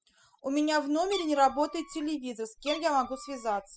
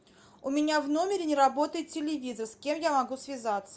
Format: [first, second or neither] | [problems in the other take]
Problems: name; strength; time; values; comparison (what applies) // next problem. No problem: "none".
second | noise reduction (classical method spectral subtraction)